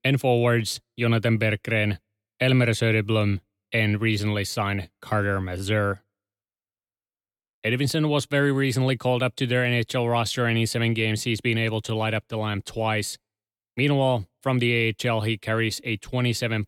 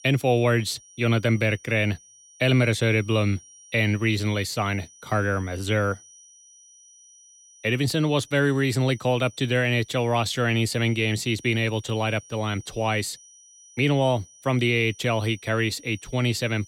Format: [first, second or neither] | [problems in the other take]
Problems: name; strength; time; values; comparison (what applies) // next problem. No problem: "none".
first | high-pitched whine; faint; throughout; 6 kHz, 25 dB below the speech